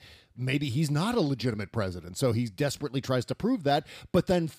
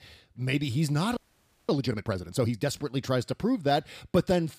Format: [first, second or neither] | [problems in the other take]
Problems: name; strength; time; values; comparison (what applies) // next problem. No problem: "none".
first | audio freezing; at 1 s for 0.5 s